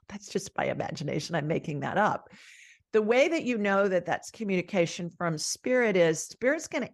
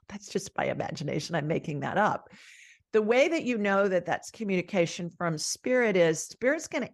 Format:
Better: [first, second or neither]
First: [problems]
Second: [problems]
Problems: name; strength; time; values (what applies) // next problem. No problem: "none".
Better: neither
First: none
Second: none